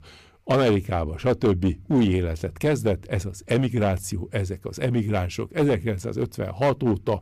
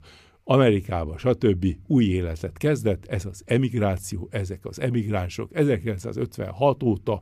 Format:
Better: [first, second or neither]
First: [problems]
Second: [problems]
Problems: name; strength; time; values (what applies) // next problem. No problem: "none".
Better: second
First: distortion; slight; 8% of the sound clipped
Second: none